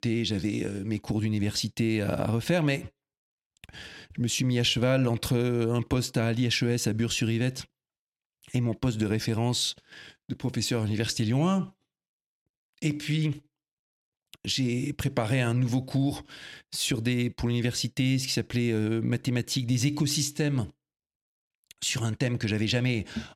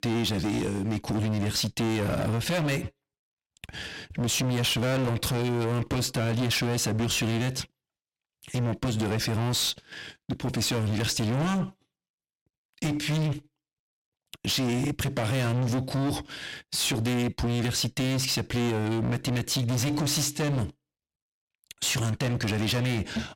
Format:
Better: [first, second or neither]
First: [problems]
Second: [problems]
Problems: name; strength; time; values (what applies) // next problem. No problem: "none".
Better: first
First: none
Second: distortion; heavy; 29% of the sound clipped